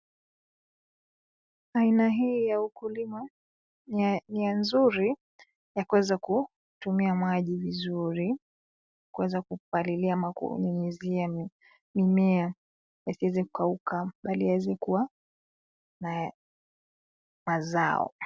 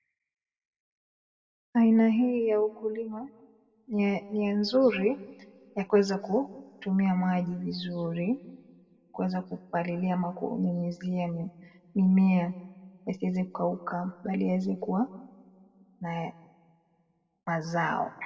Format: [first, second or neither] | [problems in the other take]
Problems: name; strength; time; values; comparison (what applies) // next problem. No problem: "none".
first | room echo; dies away in 1 s